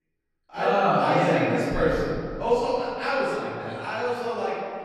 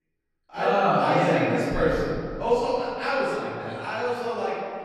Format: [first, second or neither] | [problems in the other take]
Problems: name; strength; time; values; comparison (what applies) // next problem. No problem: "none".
neither | off-mic speech; far; the same in both // room echo; strong; dies away in 2.1 s; the same in both